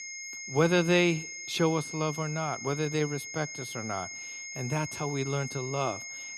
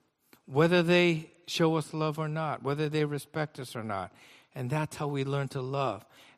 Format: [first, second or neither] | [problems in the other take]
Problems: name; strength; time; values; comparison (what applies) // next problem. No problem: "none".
second | high-pitched whine; loud; throughout; 2 kHz, 8 dB below the speech